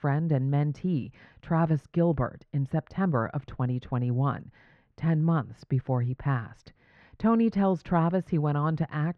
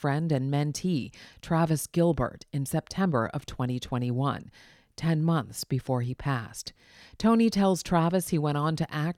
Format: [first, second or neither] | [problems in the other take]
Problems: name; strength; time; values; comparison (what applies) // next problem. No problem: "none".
second | muffled; very; fading above 1.5 kHz